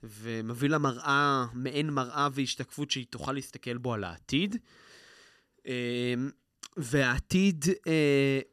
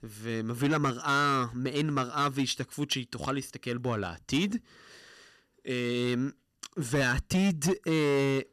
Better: first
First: none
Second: distortion; slight; 7% of the sound clipped

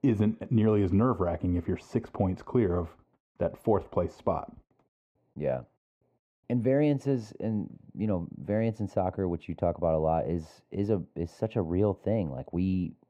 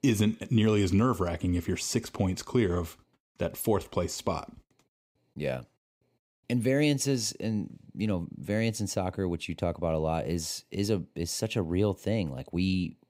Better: second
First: muffled; very; fading above 3 kHz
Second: none

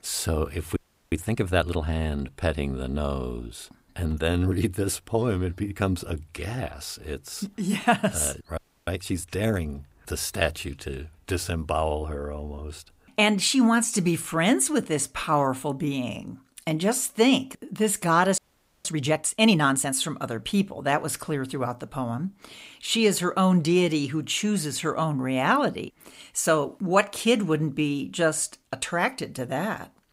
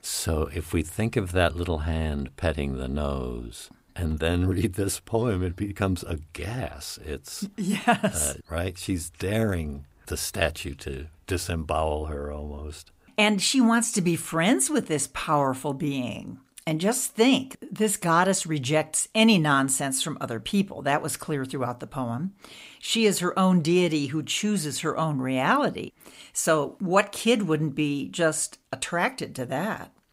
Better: second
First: audio freezing; at 1 s, at 8.5 s and at 18 s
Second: none

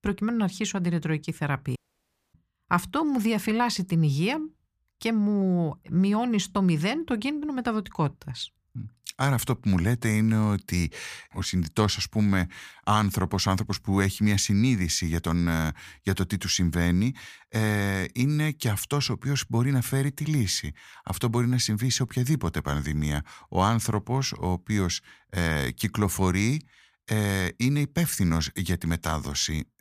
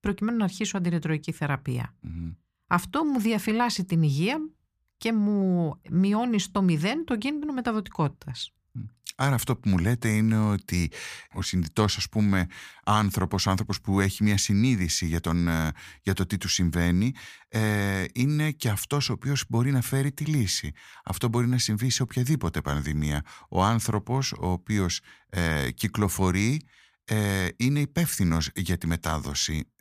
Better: second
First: audio cutting out; at 2 s for 0.5 s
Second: none

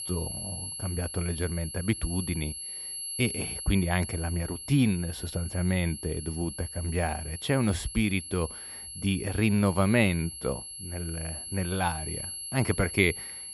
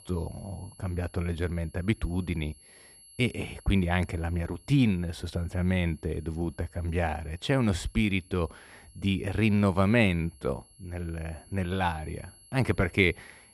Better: second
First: high-pitched whine; loud; throughout; 11 kHz, 7 dB below the speech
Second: high-pitched whine; faint; throughout; 11 kHz, 25 dB below the speech

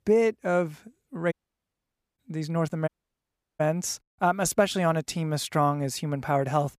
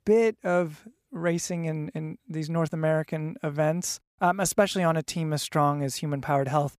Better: second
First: audio cutting out; at 1.5 s for 1 s and at 3 s for 0.5 s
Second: none

